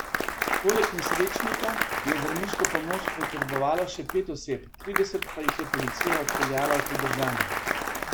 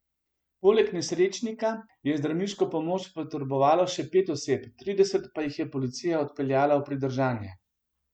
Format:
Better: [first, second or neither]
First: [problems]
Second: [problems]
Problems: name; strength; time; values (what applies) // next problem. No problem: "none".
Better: second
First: background sound (Applause); 1 dB above the speech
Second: none